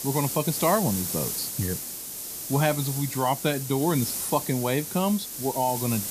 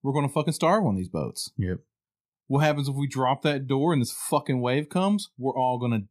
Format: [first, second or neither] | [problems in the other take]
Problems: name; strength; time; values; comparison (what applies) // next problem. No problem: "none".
second | hiss; loud; throughout; 4 dB below the speech